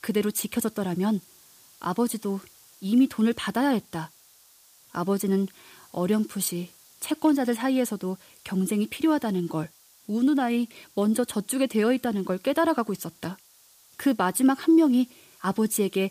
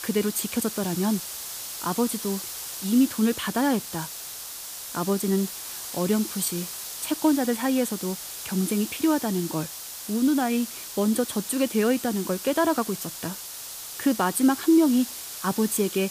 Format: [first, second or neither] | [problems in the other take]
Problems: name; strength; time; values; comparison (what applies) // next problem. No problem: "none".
first | hiss; loud; throughout; 8 dB below the speech; faint in the first